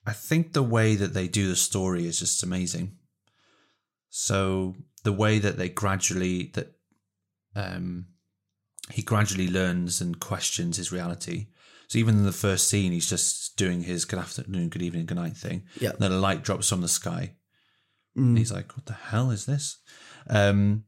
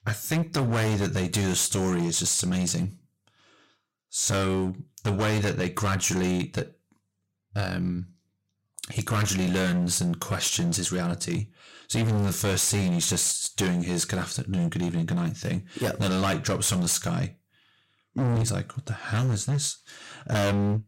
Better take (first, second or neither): first